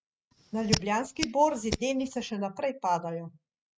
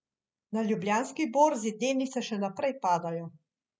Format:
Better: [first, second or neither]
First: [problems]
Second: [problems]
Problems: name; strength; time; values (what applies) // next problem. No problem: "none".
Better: second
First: noise reduction (neural mask model RNNoise)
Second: none